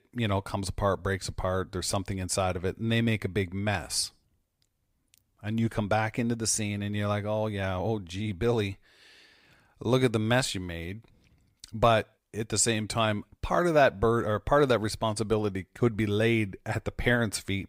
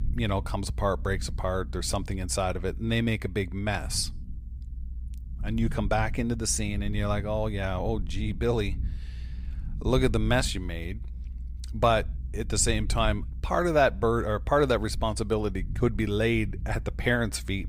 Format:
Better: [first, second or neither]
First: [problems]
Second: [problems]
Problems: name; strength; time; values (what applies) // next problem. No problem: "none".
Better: first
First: none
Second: low rumble; faint; throughout; 25 dB below the speech